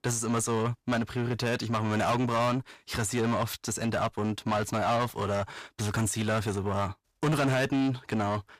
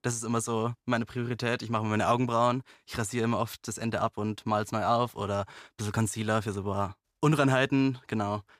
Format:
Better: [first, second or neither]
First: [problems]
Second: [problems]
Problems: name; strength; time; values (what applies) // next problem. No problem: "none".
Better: second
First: distortion; heavy; 7 dB below the speech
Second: none